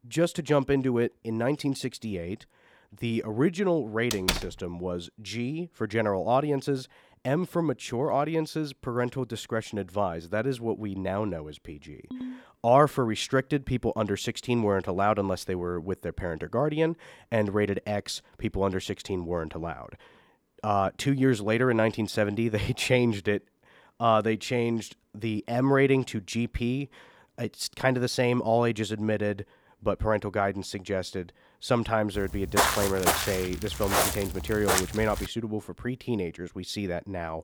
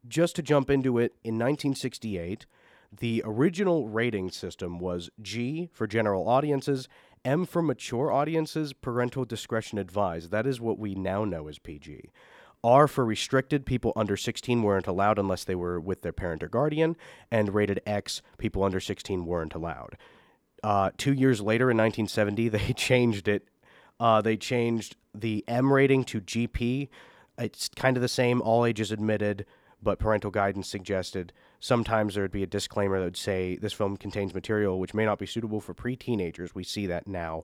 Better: second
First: door banging; loud; at 4 s; peak level with the speech // phone ringing; faint; at 12 s; peak 10 dB below the speech // footsteps; loud; from 32 to 35 s; peak 4 dB above the speech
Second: none

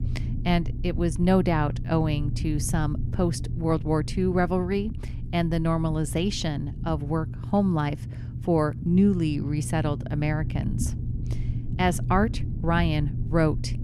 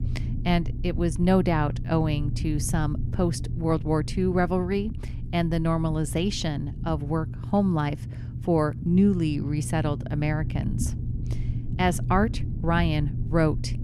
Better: neither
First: low rumble; noticeable; throughout; 15 dB below the speech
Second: low rumble; noticeable; throughout; 15 dB below the speech

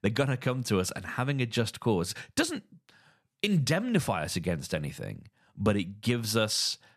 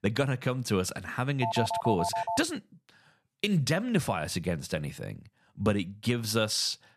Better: first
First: none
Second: phone ringing; noticeable; at 1.5 s; peak 2 dB below the speech

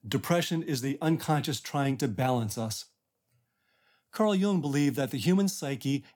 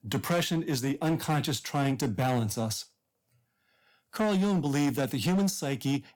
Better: first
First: none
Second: distortion; slight; 11% of the sound clipped

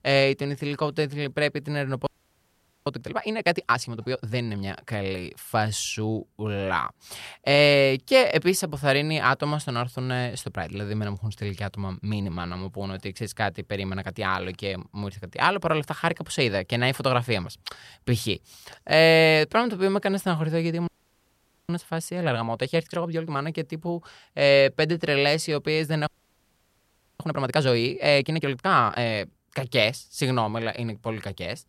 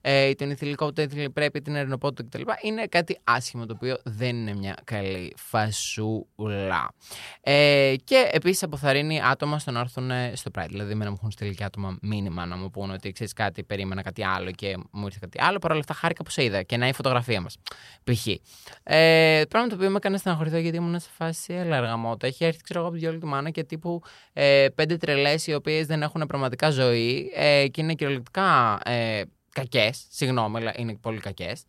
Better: second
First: audio freezing; at 2 s for 1 s, at 21 s for 1 s and at 26 s for 1 s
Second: none

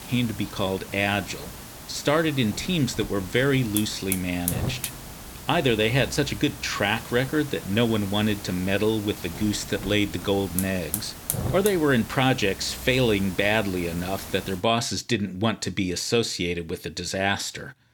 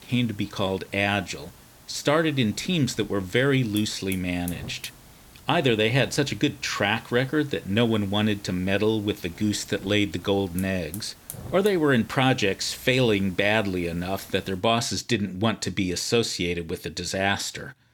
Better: second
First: hiss; loud; until 15 s; 10 dB below the speech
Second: hiss; faint; until 15 s; 20 dB below the speech

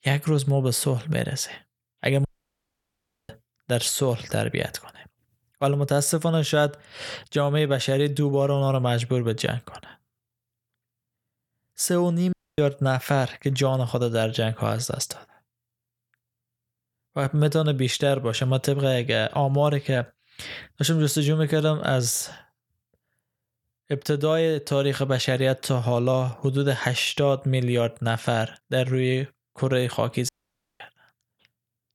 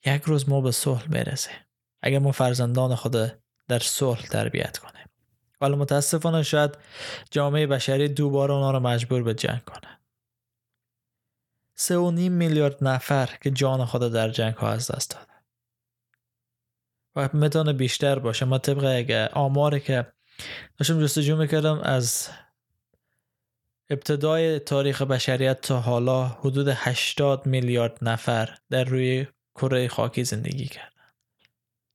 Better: second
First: audio cutting out; at 2.5 s for 1 s, at 12 s and at 30 s for 0.5 s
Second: none

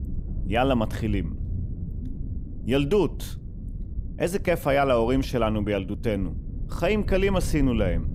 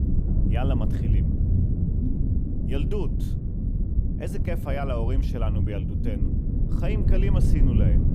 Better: first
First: low rumble; faint; throughout; 20 dB below the speech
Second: low rumble; loud; throughout; 2 dB below the speech

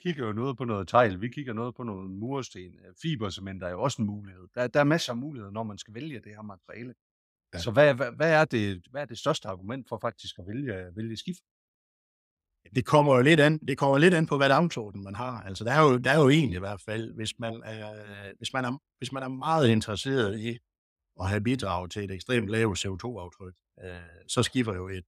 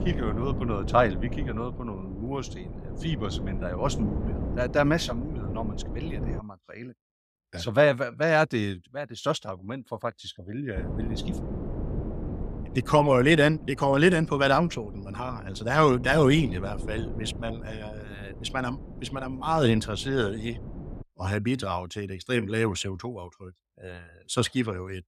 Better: first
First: none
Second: wind noise on the microphone; occasional gusts; until 6.5 s and from 11 to 21 s; 15 dB below the speech

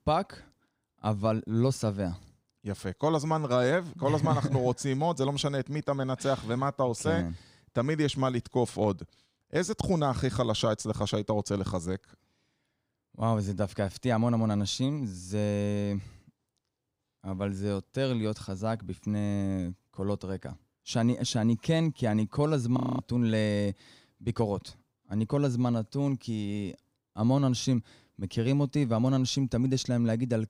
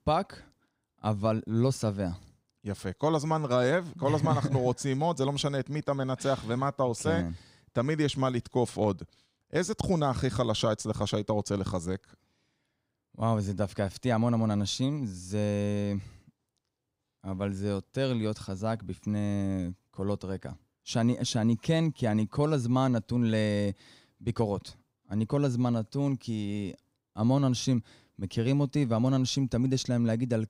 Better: second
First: audio freezing; at 23 s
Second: none

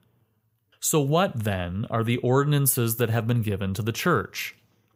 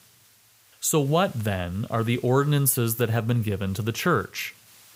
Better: first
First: none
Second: hiss; faint; throughout; 25 dB below the speech

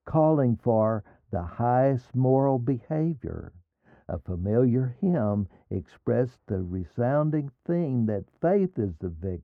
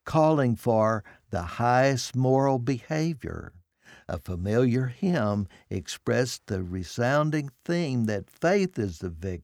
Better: second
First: muffled; very; fading above 2 kHz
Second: none

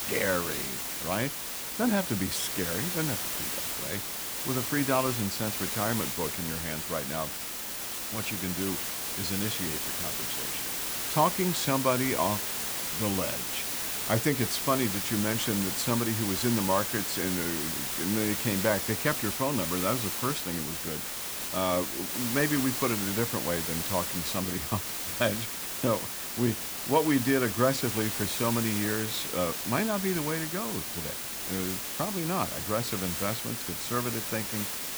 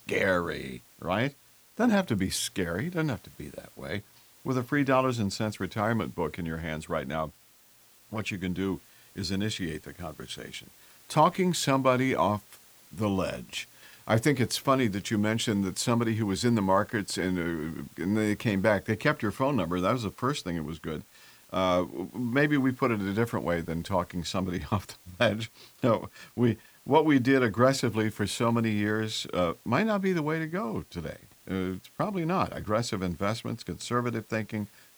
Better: second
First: hiss; loud; throughout; as loud as the speech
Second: hiss; faint; throughout; 25 dB below the speech

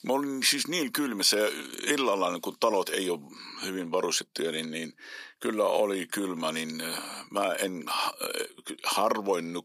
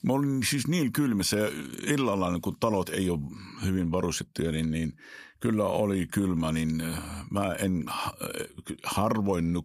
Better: second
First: thin; somewhat; fading below 350 Hz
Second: none

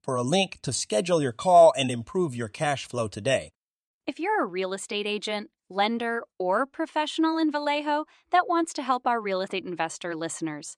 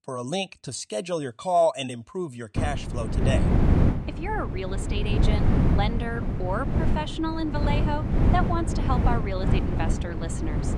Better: first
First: none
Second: wind noise on the microphone; heavy; from 2.5 s on; 4 dB below the speech

